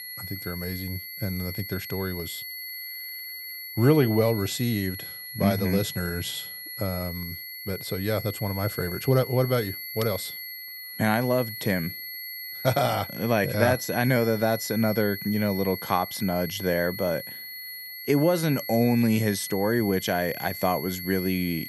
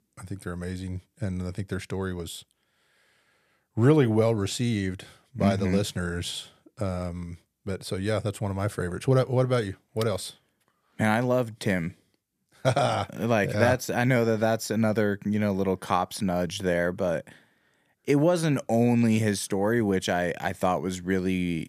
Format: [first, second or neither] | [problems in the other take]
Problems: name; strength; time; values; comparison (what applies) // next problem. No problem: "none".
second | high-pitched whine; loud; throughout; 2 kHz, 9 dB below the speech